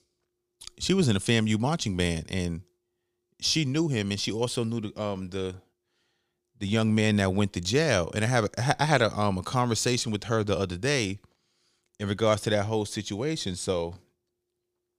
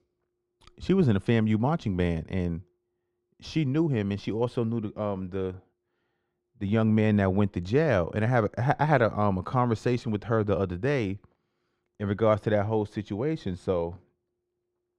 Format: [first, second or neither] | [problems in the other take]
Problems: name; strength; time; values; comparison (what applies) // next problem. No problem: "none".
first | muffled; very; fading above 3 kHz